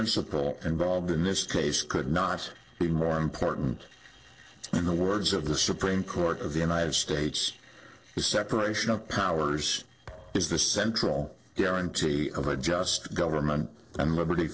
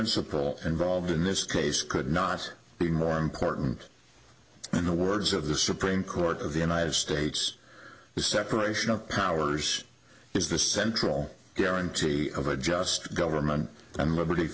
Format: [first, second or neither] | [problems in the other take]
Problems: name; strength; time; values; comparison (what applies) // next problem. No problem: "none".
second | noise reduction (neural separator model SepFormer DNS4)